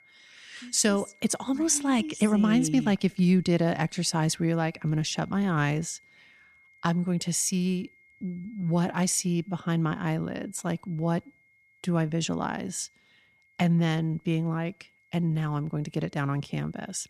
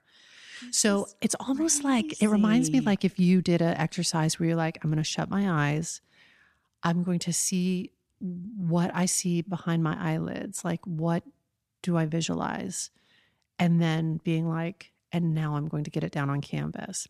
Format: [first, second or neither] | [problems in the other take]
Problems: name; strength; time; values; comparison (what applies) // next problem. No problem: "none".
second | high-pitched whine; faint; throughout; 2 kHz, 30 dB below the speech